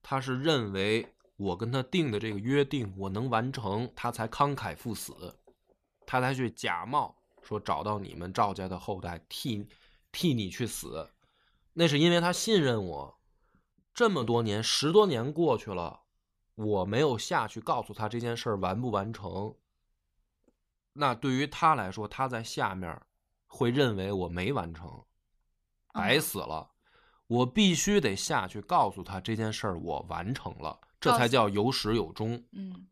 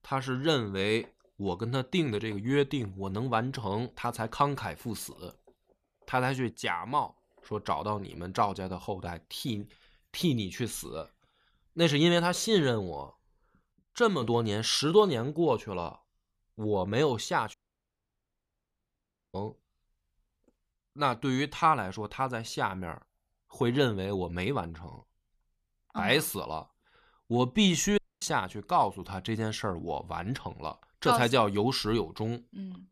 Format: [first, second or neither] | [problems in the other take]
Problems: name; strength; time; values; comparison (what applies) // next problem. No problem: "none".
first | audio cutting out; at 18 s for 2 s and at 28 s